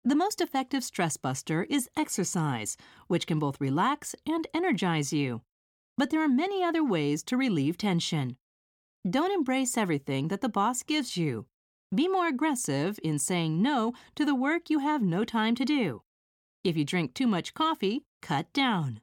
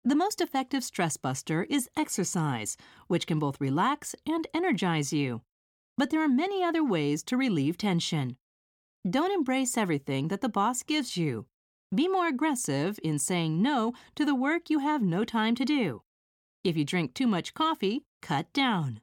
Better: neither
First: none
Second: none

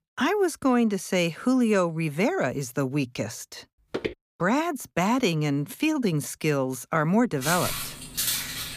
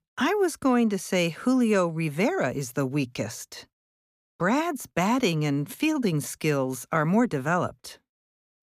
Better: second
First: footsteps; noticeable; at 4 s; peak 8 dB below the speech // footsteps; loud; from 7.5 s on; peak level with the speech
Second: none

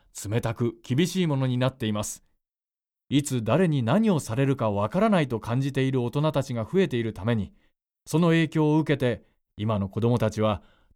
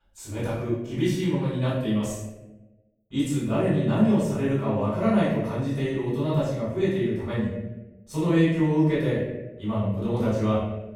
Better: first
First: none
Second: room echo; strong; dies away in 0.9 s // off-mic speech; far

